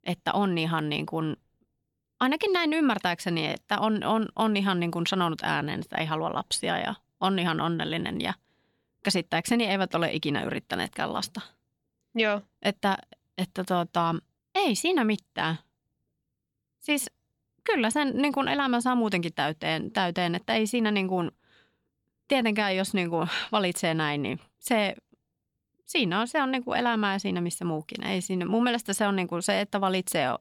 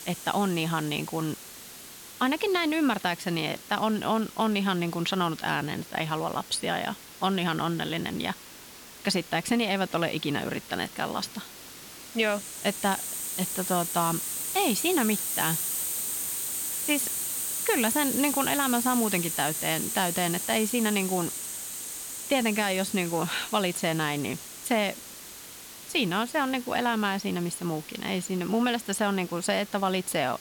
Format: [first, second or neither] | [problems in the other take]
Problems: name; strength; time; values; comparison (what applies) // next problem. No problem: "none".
first | hiss; loud; throughout; 4 dB below the speech